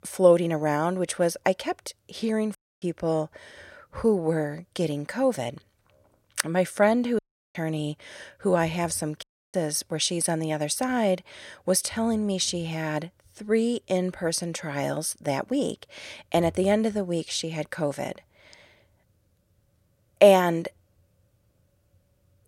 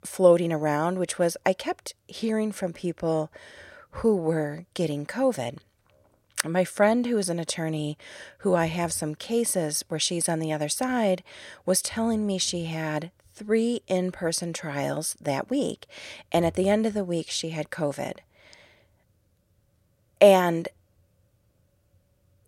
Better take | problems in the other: second | audio cutting out; at 2.5 s, at 7 s and at 9 s

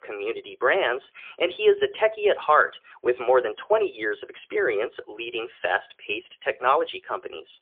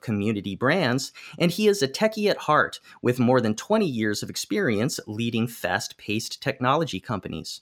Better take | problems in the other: second | phone-call audio; poor line; nothing above 3.5 kHz

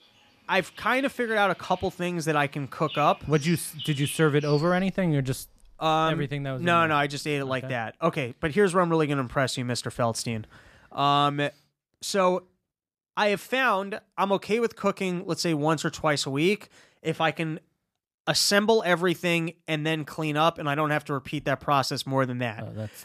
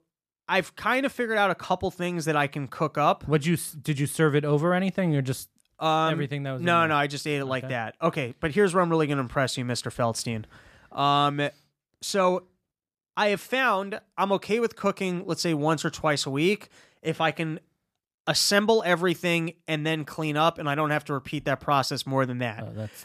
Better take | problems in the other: second | animal sounds; noticeable; until 7 s; 15 dB below the speech

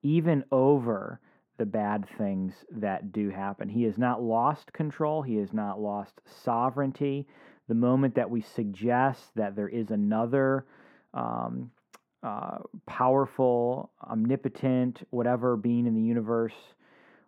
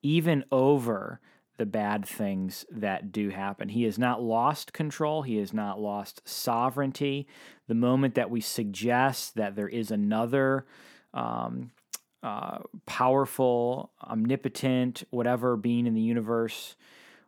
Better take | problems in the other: second | muffled; very; fading above 3 kHz

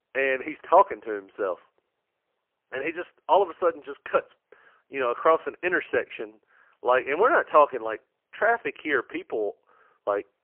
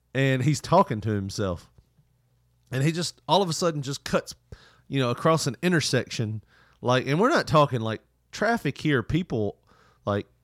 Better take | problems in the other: second | phone-call audio; poor line; nothing above 3 kHz

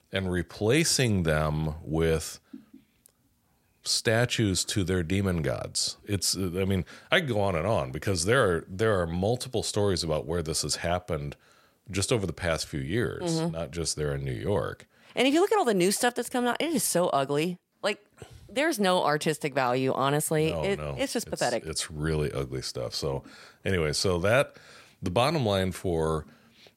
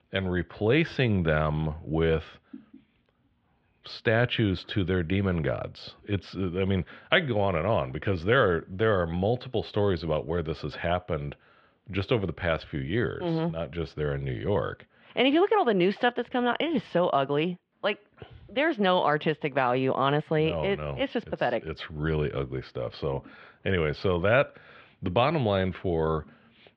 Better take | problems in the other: first | muffled; very; fading above 3.5 kHz

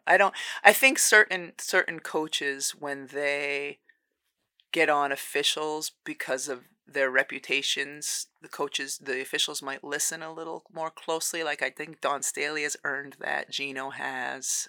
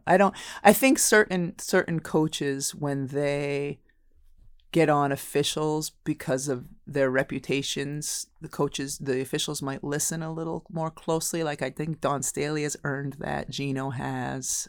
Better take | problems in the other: second | thin; somewhat; fading below 450 Hz

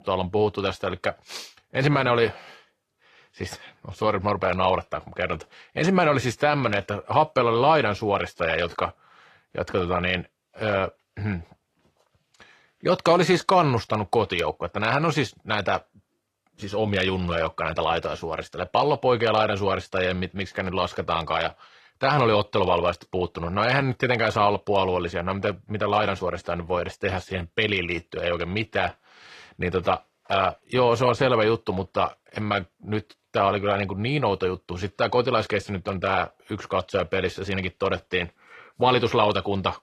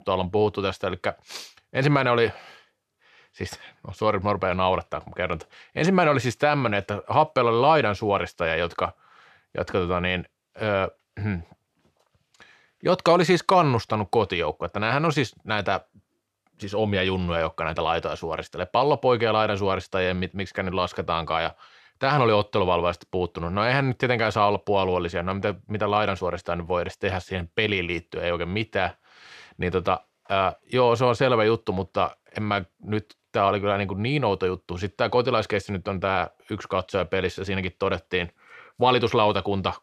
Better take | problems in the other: second | garbled, watery; slightly; nothing above 14 kHz

